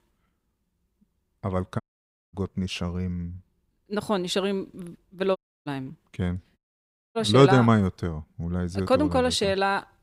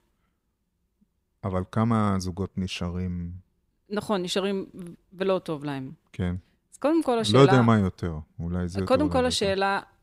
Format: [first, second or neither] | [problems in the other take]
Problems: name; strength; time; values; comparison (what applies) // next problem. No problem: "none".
second | audio cutting out; at 2 s for 0.5 s, at 5.5 s and at 6.5 s for 0.5 s